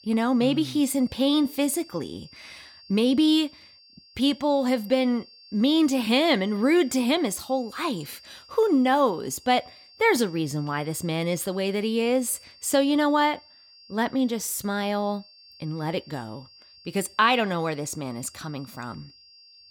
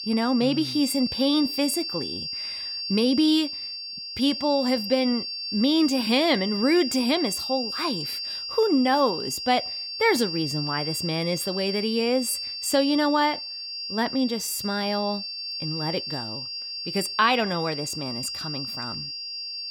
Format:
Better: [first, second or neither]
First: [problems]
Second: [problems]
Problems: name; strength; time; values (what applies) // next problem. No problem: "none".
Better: first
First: high-pitched whine; faint; throughout; 4.5 kHz, 25 dB below the speech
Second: high-pitched whine; loud; throughout; 4.5 kHz, 5 dB below the speech